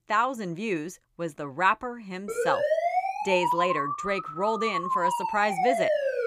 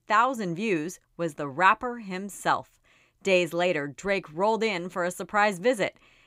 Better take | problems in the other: second | siren; loud; from 2.5 s on; peak 4 dB above the speech

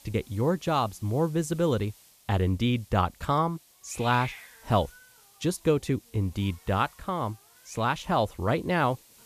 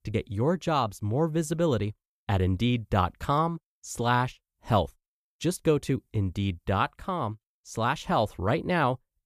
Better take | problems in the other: second | hiss; faint; throughout; 20 dB below the speech

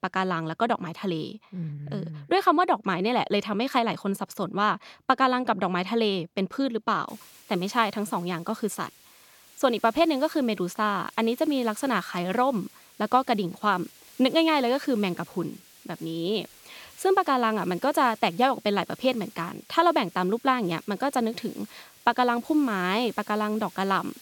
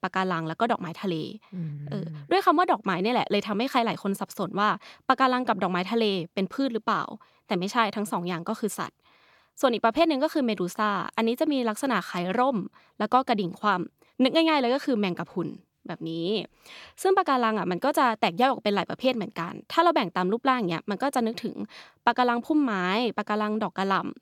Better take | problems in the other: second | hiss; faint; from 7 s on; 25 dB below the speech

